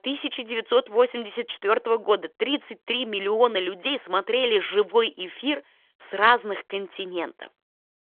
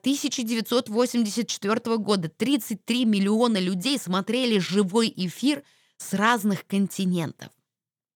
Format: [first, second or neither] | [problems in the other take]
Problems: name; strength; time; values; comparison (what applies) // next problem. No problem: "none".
second | phone-call audio; nothing above 3.5 kHz